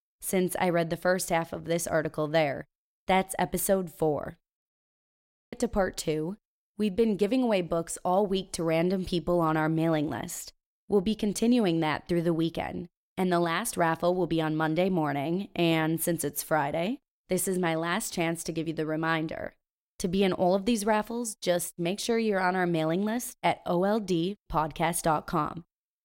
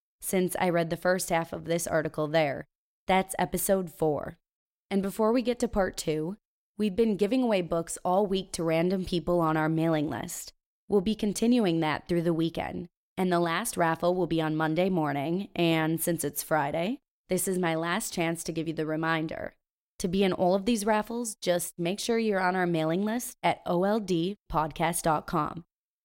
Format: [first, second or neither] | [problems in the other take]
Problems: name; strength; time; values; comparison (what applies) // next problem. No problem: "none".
second | audio cutting out; at 4.5 s for 1 s